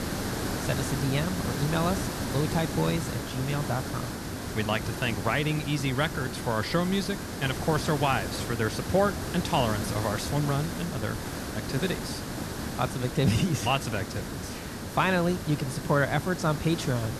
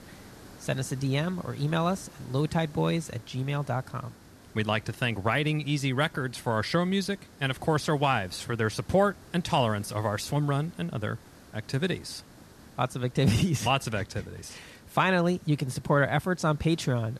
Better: second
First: hiss; loud; throughout; 5 dB below the speech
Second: hiss; faint; throughout; 25 dB below the speech

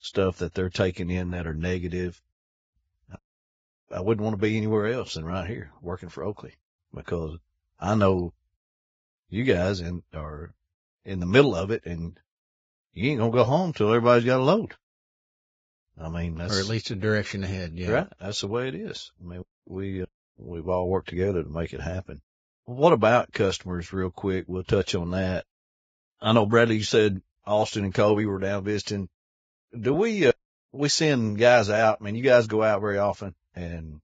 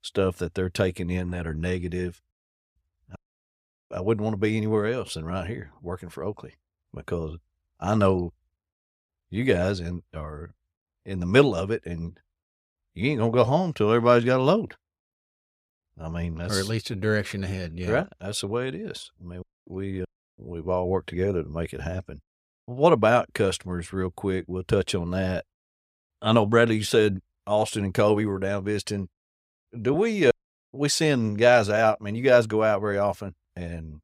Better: second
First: garbled, watery; badly; nothing above 7.5 kHz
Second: none

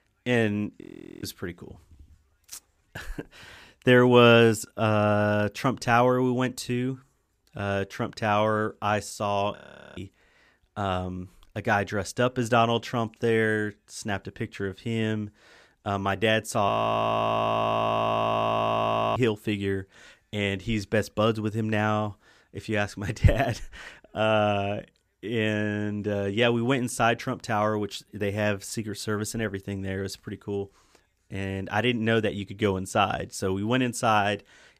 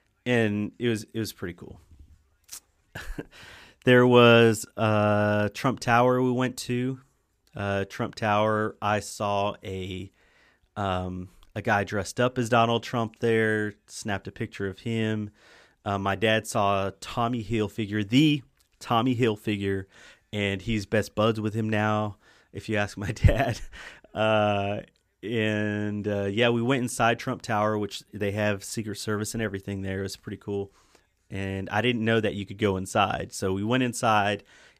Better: second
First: audio freezing; at 1 s, at 9.5 s and at 17 s for 2.5 s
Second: none

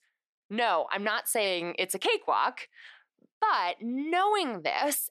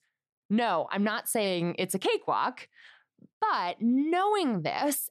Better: second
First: thin; somewhat; fading below 400 Hz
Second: none

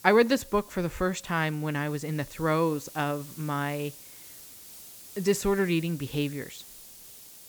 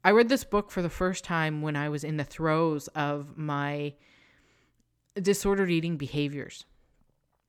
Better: second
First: hiss; noticeable; throughout; 15 dB below the speech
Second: none

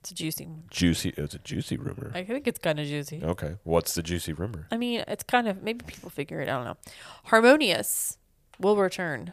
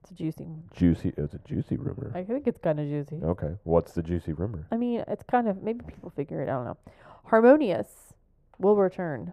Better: first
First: none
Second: muffled; very; fading above 2 kHz

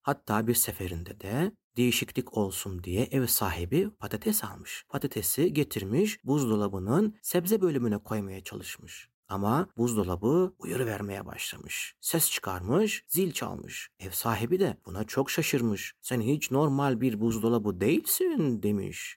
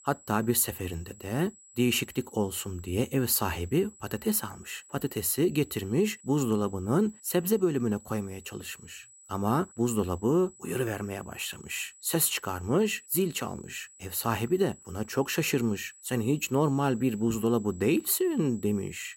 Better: first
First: none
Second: high-pitched whine; faint; throughout; 8 kHz, 25 dB below the speech

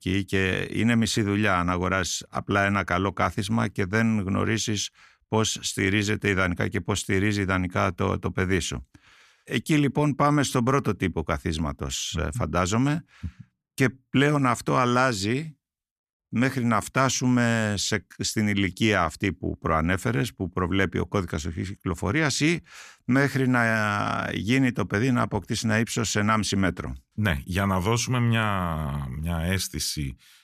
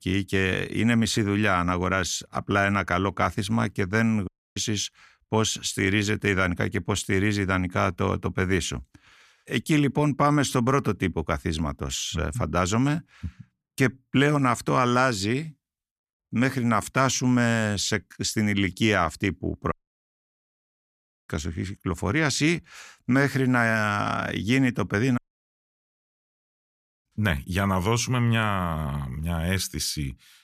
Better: first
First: none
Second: audio cutting out; at 4.5 s, at 20 s for 1.5 s and at 25 s for 2 s

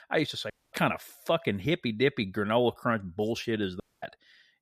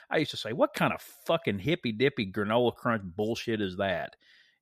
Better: second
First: audio cutting out; at 0.5 s and at 4 s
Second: none

